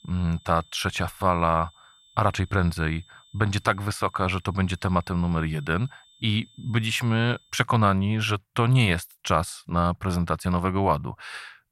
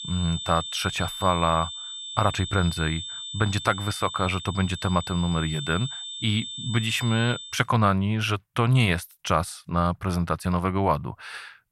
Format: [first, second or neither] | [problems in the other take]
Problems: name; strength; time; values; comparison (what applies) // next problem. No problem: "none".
first | high-pitched whine; loud; until 7.5 s; 3.5 kHz, 8 dB below the speech; faint in the first